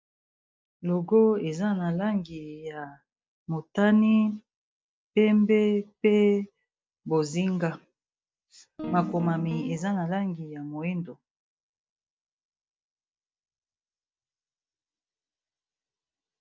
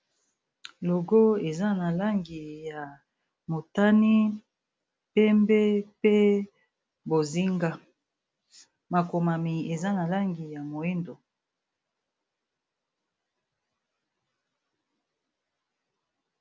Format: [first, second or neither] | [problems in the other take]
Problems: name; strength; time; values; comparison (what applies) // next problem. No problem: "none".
second | noise reduction (neural mask model DeepFilterNet 3)